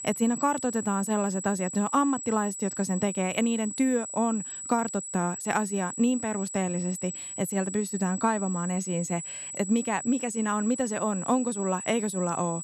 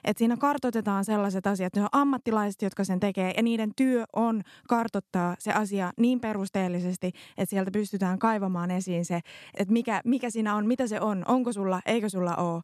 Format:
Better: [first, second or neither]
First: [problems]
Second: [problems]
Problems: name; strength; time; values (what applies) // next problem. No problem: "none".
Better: second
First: high-pitched whine; loud; throughout; 8 kHz, 7 dB below the speech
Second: none